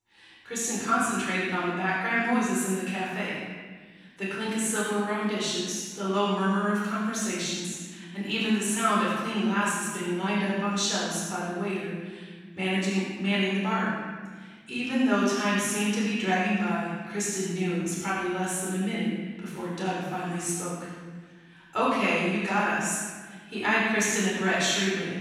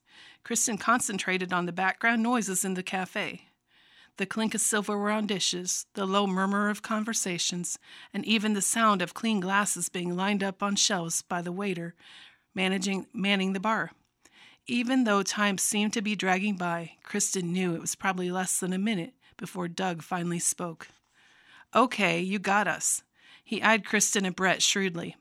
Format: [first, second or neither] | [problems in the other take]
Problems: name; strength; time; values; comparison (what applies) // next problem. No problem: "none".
second | off-mic speech; far // room echo; strong; dies away in 1.5 s